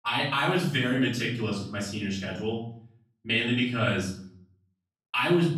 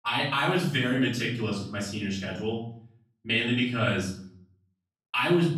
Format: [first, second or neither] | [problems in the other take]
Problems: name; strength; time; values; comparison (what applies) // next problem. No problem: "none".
neither | off-mic speech; far; the same in both // room echo; noticeable; dies away in 0.5 s; the same in both